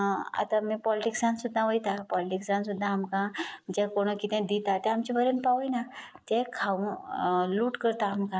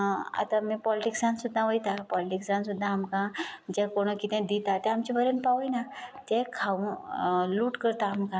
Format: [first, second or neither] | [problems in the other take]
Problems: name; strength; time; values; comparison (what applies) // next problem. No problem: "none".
second | noise reduction (neural mask model Resemble Enhance denoiser)